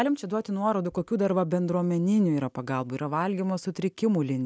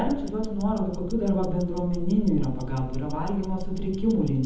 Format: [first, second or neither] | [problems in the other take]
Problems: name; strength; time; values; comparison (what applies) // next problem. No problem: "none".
first | background sound (Tick-tock); 5 dB below the speech // room echo; dies away in 1 s